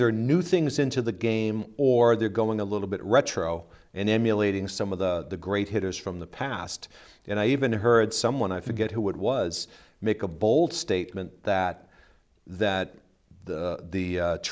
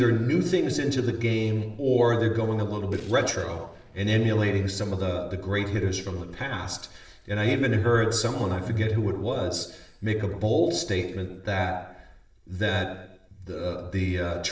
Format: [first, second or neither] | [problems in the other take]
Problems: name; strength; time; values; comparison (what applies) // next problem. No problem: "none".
first | noise reduction (neural separator model SepFormer DNS4)